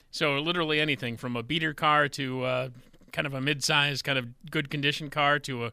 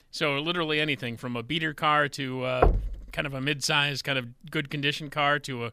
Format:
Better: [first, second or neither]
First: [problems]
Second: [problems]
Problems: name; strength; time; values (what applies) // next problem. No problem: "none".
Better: first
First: none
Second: door banging; loud; at 2.5 s; peak 2 dB above the speech